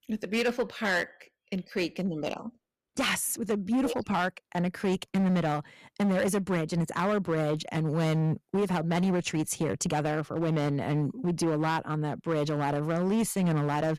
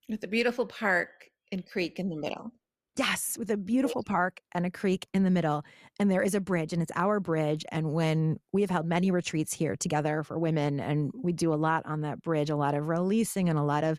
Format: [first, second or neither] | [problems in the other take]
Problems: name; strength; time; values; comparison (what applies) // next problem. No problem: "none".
second | distortion; slight; 10% of the sound clipped